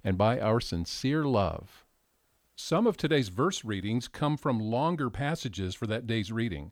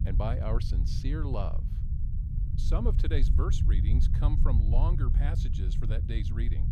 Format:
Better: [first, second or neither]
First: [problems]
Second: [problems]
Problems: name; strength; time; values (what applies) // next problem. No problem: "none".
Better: first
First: none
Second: low rumble; loud; throughout; 5 dB below the speech